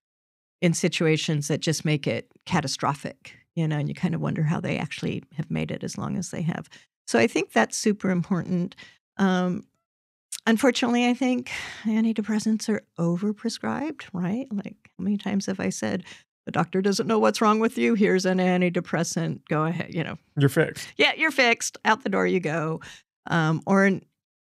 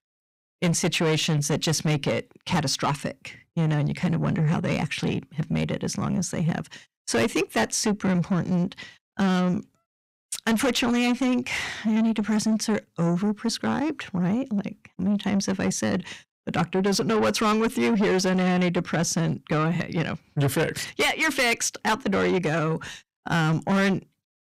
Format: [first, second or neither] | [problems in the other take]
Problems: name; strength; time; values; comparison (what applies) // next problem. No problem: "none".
first | distortion; heavy; 8 dB below the speech